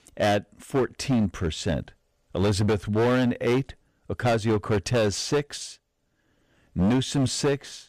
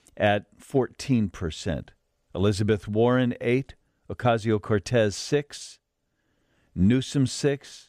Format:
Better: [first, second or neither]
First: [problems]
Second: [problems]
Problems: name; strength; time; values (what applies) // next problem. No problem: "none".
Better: second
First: distortion; heavy; 12% of the sound clipped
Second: none